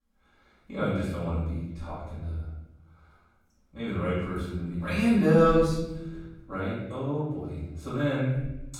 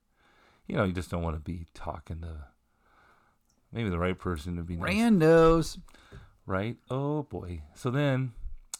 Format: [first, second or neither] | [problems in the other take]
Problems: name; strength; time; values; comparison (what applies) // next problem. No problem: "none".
second | off-mic speech; far // room echo; strong; dies away in 1 s